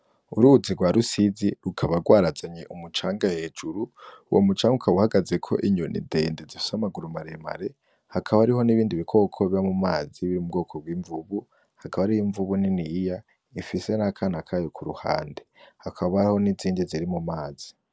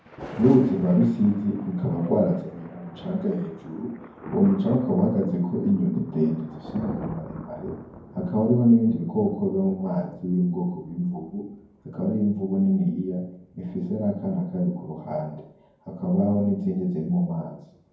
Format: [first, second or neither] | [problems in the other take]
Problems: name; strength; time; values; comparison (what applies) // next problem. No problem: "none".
first | background sound (Thunder); 18 dB below the speech // room echo; dies away in 0.9 s